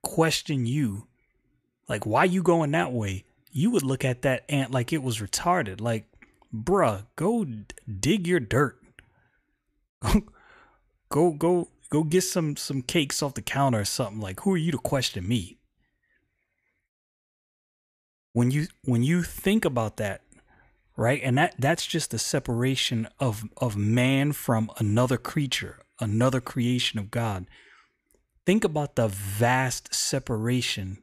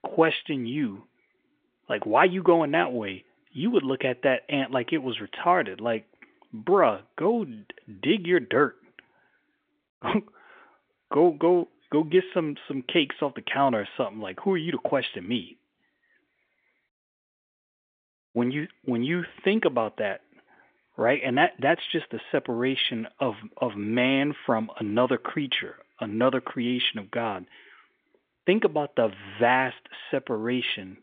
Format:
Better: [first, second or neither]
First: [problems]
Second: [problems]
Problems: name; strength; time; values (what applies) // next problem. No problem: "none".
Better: first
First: none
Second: phone-call audio; nothing above 3.5 kHz